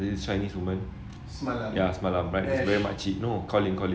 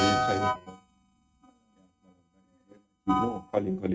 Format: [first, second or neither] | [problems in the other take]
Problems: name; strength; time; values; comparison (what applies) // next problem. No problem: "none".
first | noise reduction (neural mask model RNNoise)